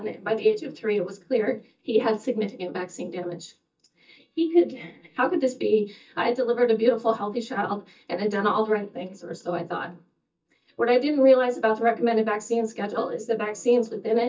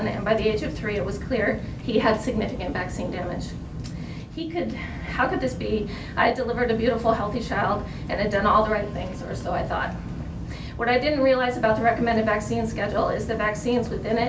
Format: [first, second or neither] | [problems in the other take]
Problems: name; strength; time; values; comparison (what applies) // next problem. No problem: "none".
second | noise reduction (neural mask model DeepFilterNet 3)